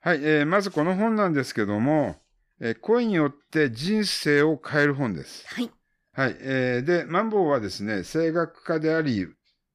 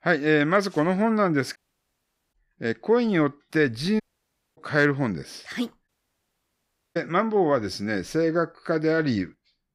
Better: first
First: none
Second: audio cutting out; at 1.5 s for 1 s, at 4 s for 0.5 s and at 6 s for 1 s

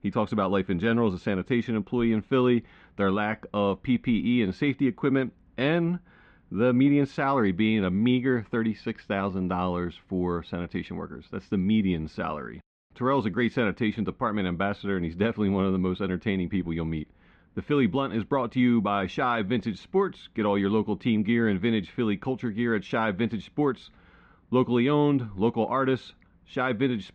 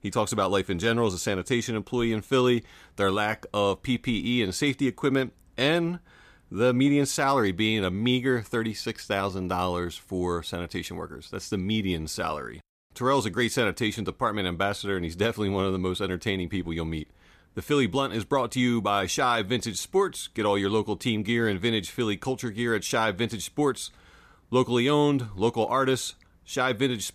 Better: second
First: muffled; very; fading above 3 kHz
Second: none

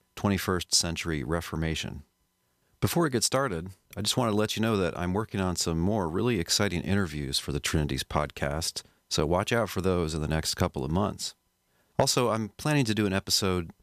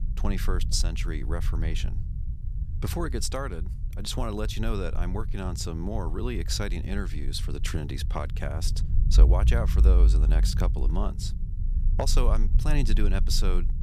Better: first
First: none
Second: low rumble; noticeable; throughout; 10 dB below the speech

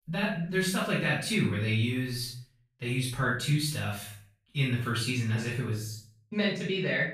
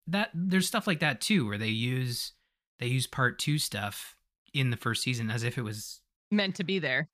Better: second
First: off-mic speech; far // room echo; noticeable; dies away in 0.4 s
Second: none

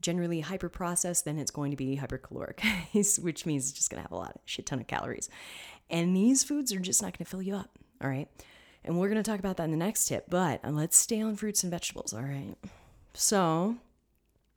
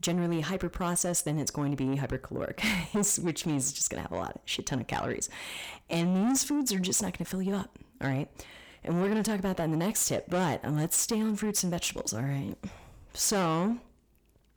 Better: first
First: none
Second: distortion; heavy; 7 dB below the speech

